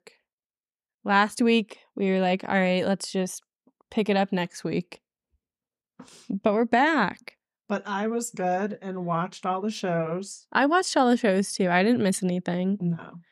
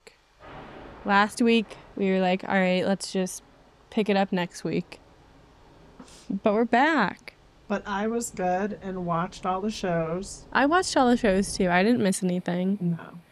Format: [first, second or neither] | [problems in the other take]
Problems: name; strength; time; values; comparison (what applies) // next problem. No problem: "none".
first | rain or running water; faint; throughout; 25 dB below the speech